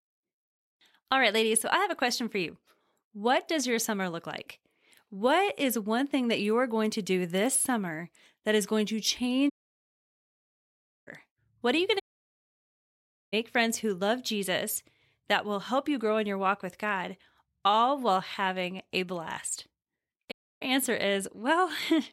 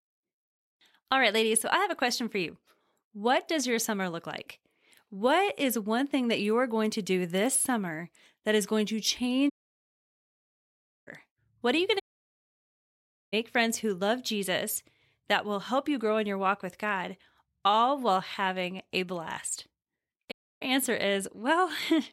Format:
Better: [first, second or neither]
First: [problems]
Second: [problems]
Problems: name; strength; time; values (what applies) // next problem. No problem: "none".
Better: neither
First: audio cutting out; at 9.5 s for 1.5 s, at 12 s for 1.5 s and at 20 s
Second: audio cutting out; at 9.5 s for 1.5 s, at 12 s for 1.5 s and at 20 s